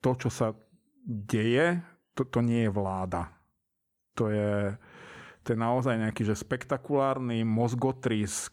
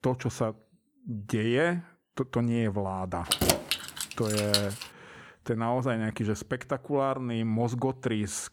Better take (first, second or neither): first